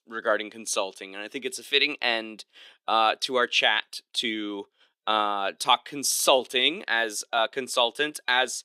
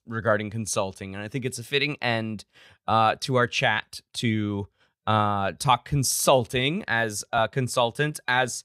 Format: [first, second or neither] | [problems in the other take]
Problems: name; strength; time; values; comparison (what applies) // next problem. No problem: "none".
second | thin; somewhat; fading below 300 Hz